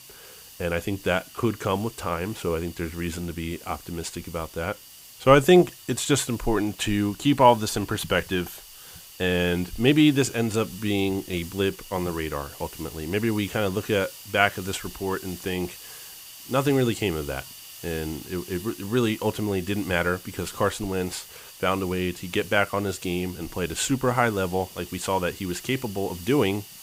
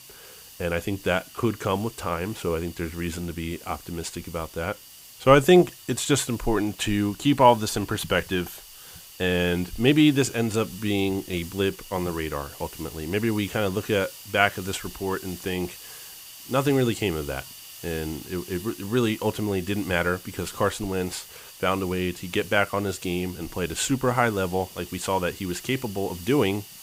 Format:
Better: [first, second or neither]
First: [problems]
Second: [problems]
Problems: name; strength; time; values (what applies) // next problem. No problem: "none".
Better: neither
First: hiss; noticeable; throughout; 15 dB below the speech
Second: hiss; noticeable; throughout; 15 dB below the speech